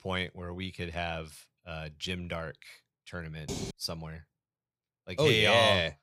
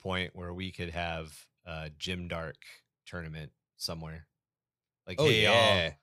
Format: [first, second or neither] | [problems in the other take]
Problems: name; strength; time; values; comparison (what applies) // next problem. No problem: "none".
second | clattering dishes; noticeable; at 3.5 s; peak 9 dB below the speech